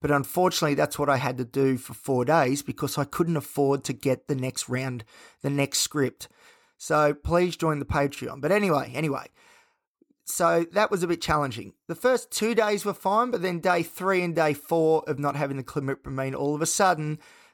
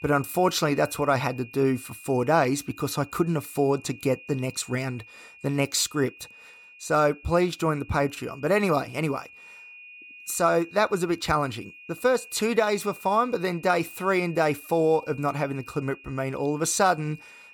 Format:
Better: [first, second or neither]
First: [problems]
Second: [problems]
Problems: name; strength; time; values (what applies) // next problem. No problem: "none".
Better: first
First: none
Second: high-pitched whine; faint; throughout; 2.5 kHz, 20 dB below the speech